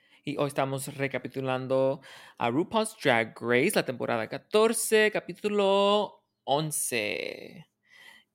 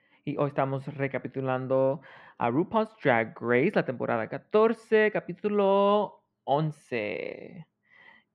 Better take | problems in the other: first | muffled; very; fading above 1.5 kHz

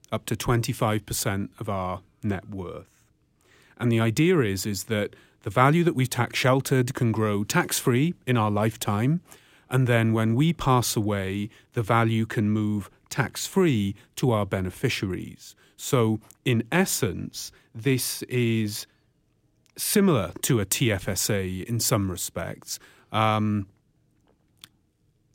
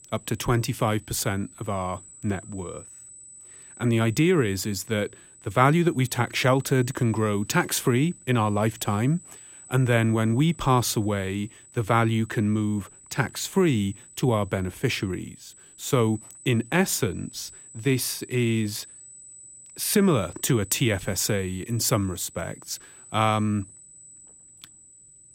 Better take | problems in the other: first | high-pitched whine; faint; throughout; 8 kHz, 20 dB below the speech

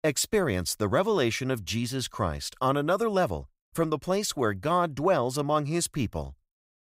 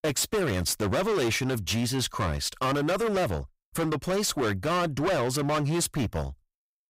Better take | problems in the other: first | distortion; heavy; 24% of the sound clipped

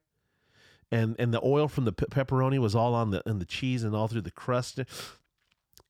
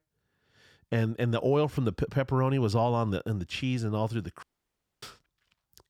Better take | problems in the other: first | audio cutting out; at 4.5 s for 0.5 s

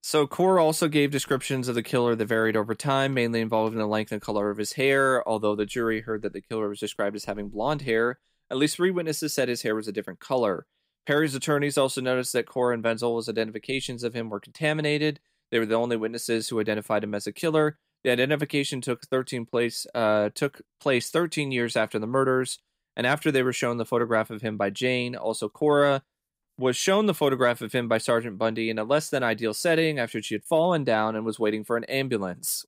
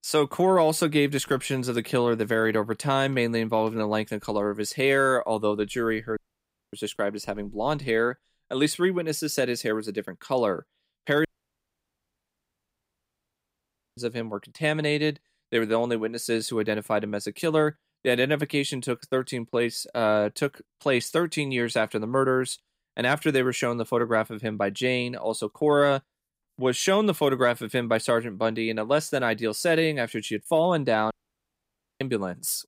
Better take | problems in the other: first | audio cutting out; at 6 s for 0.5 s, at 11 s for 2.5 s and at 31 s for 1 s

